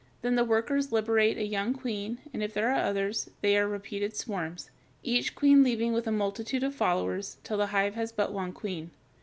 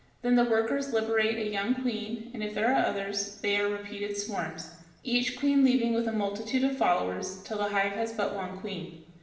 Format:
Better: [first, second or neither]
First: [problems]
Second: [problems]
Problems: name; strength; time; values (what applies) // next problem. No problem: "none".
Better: first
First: none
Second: room echo; dies away in 0.8 s